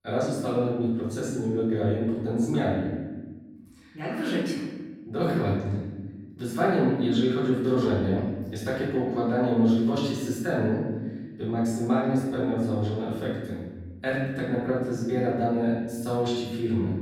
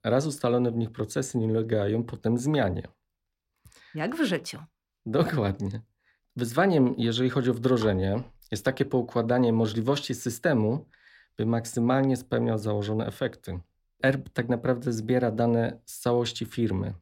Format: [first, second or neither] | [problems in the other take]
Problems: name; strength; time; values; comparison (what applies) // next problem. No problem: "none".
second | off-mic speech; far // room echo; noticeable; dies away in 1.2 s